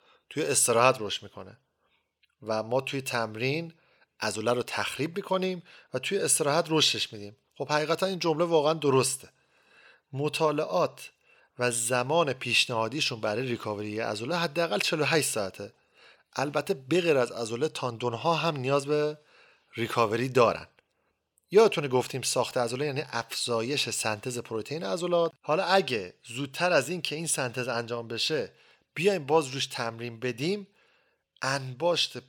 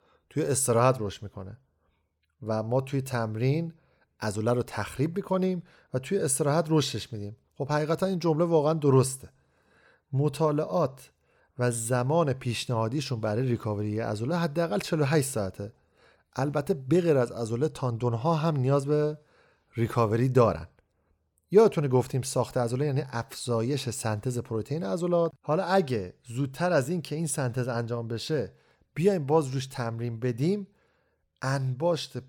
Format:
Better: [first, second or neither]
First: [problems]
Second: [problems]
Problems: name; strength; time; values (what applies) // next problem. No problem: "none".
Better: second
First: thin; very slightly; fading below 450 Hz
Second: none